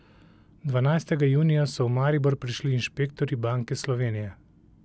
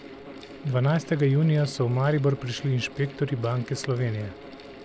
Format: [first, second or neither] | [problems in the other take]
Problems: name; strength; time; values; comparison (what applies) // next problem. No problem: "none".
first | background sound (Mechanical fan); 17 dB below the speech